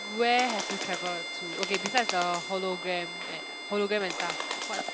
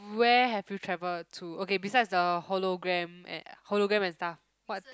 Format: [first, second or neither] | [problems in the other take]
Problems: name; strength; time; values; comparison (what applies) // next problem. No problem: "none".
second | background sound (Bowed string instrument + Bird); 4 dB below the speech